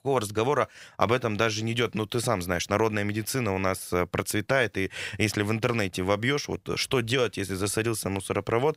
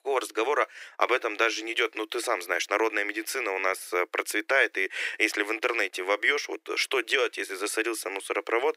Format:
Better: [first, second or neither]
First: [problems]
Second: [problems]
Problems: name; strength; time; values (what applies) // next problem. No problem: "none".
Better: first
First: none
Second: thin; very; fading below 300 Hz